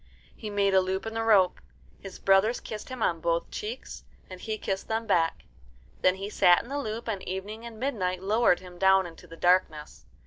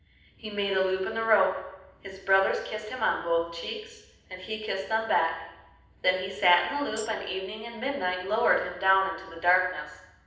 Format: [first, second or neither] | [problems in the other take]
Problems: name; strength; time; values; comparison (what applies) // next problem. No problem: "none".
first | background sound (Tambourine); 19 dB below the speech // room echo; dies away in 0.9 s